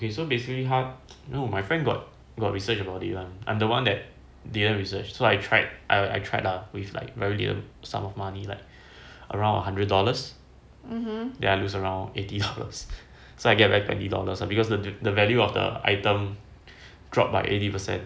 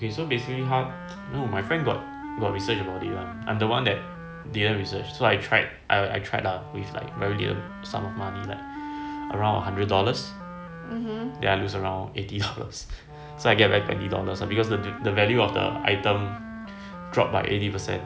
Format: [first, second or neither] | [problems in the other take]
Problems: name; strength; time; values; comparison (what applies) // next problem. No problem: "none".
first | background sound (Wind instrument, woodwind instrument); 11 dB below the speech